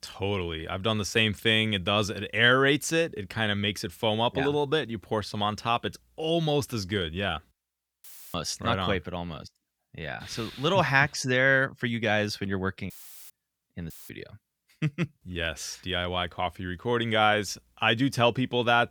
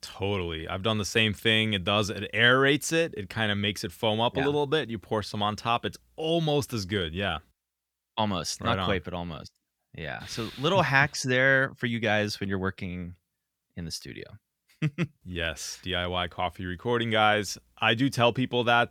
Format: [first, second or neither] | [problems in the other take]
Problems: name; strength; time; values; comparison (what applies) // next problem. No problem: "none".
second | audio cutting out; filled with static; at 8 s, at 13 s and at 14 s